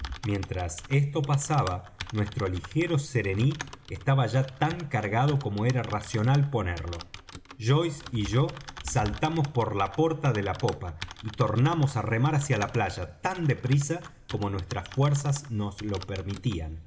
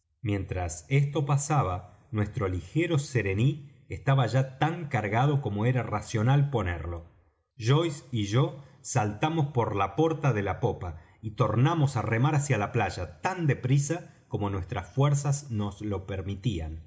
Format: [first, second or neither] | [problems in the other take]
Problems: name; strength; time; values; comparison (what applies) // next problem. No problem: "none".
second | background sound (Typing); 16 dB below the speech